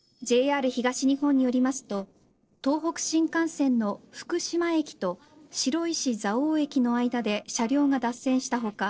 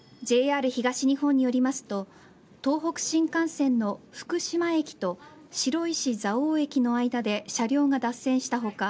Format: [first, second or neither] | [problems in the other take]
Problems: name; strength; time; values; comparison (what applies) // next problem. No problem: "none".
second | noise reduction (neural separator model SepFormer DNS4)